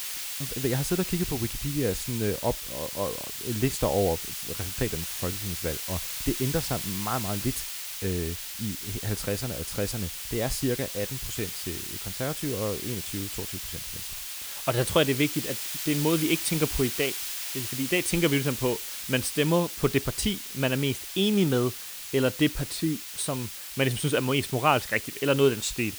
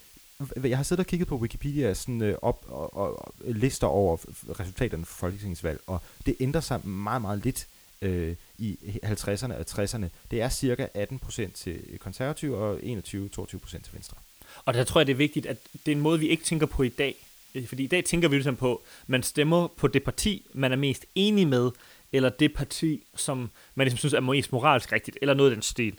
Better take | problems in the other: second | hiss; loud; throughout; 4 dB below the speech; faint in the second

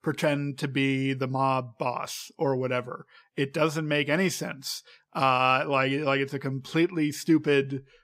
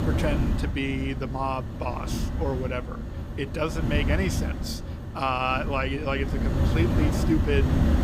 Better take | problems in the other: first | wind noise on the microphone; heavy; 6 dB below the speech

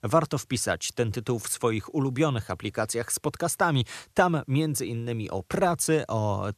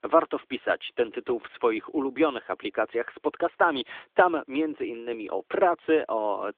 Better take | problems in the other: first | phone-call audio; nothing above 3.5 kHz

